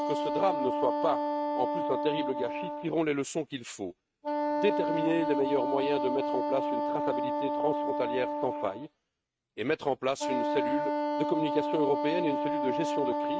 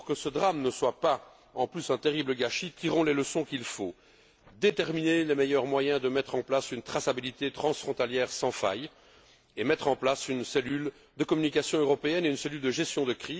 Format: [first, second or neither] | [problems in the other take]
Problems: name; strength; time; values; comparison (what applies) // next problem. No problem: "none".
second | noise reduction (neural mask model RNNoise)